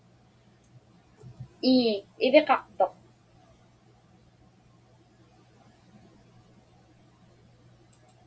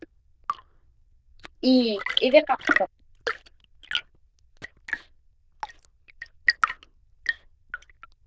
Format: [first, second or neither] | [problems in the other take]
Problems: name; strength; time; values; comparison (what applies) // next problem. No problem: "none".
first | noise reduction (neural diffusion model UNIVERSE++)